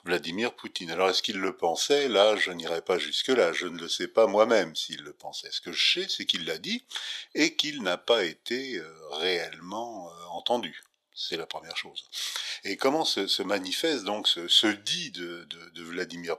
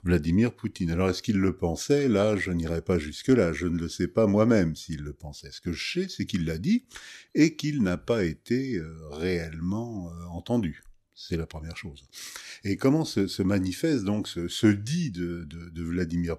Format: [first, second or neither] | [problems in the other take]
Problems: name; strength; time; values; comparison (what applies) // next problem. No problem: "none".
second | thin; very; fading below 550 Hz